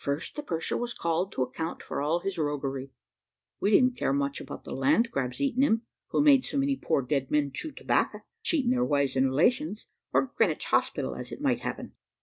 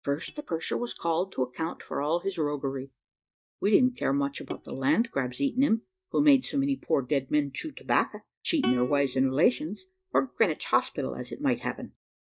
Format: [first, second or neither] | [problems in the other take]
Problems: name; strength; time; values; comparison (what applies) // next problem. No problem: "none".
first | noise reduction (neural mask model DeepFilterNet 3)